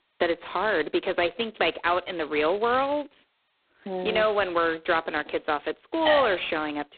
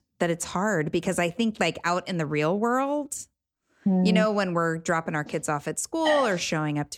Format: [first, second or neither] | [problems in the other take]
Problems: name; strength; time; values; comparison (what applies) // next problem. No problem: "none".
second | phone-call audio; poor line; nothing above 4 kHz